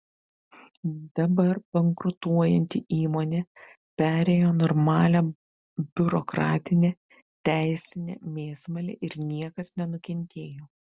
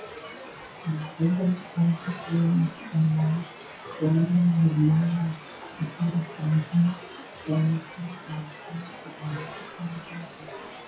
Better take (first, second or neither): first